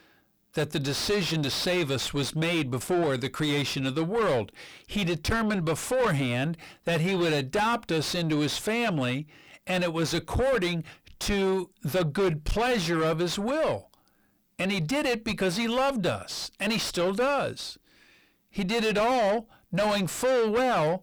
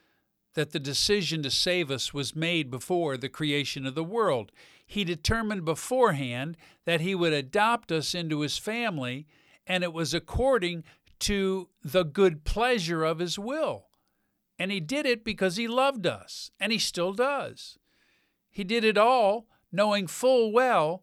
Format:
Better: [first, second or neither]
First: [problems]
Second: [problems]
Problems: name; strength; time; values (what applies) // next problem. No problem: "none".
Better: second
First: distortion; heavy; 5 dB below the speech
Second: none